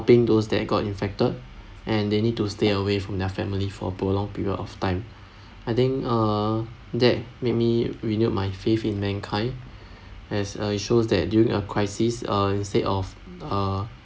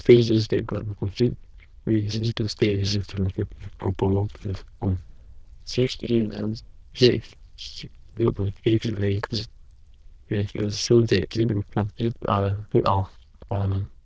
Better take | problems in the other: first | noise reduction (neural diffusion model UNIVERSE++)

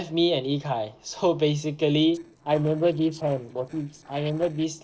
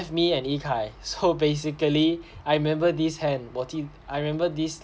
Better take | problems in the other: second | noise reduction (neural separator model SepFormer DNS4)

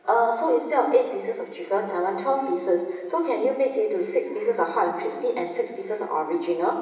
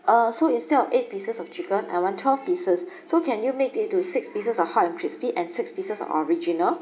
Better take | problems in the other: second | room echo; dies away in 1.2 s

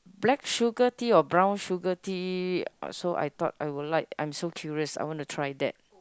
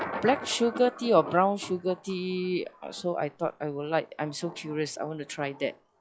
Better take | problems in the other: first | noise reduction (classical method log-MMSE)

